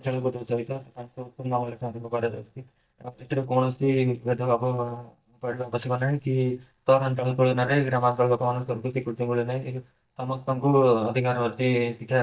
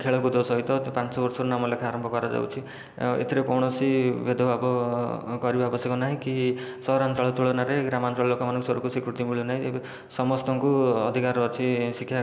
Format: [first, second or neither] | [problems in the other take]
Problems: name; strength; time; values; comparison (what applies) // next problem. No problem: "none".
second | noise reduction (neural mask model DeepFilterNet 3)